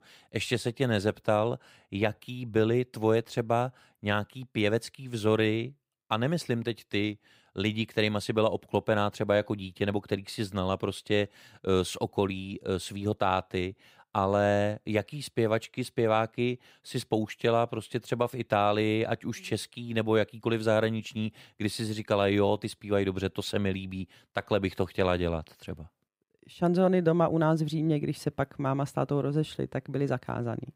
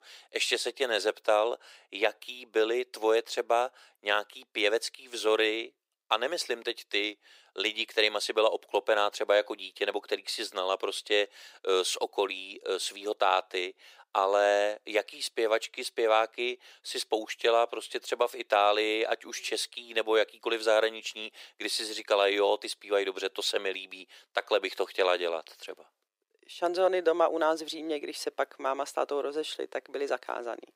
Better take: first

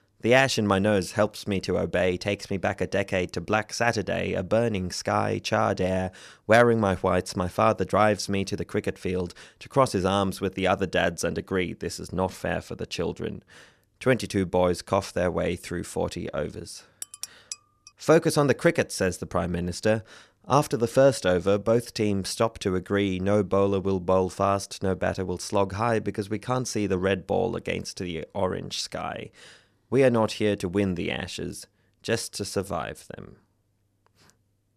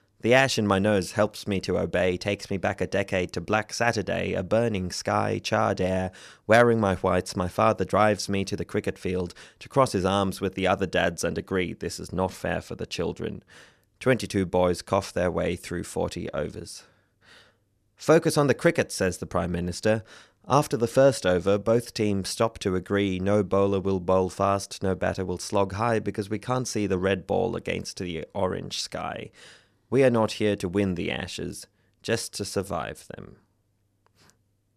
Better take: second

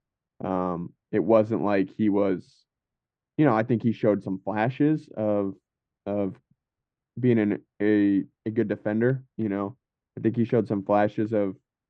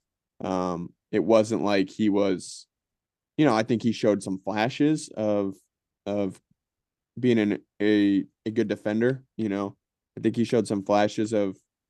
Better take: second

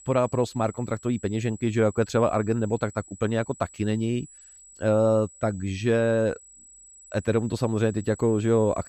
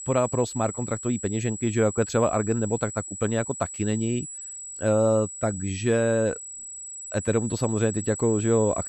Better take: first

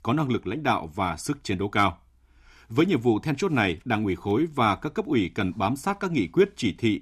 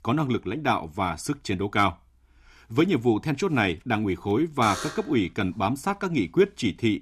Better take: first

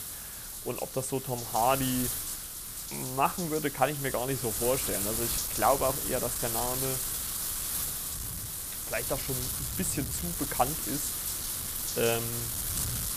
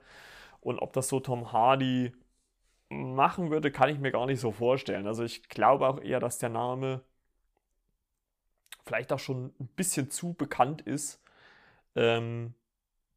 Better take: second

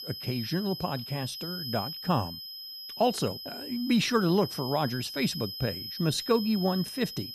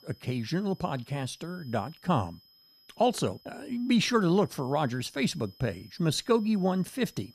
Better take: second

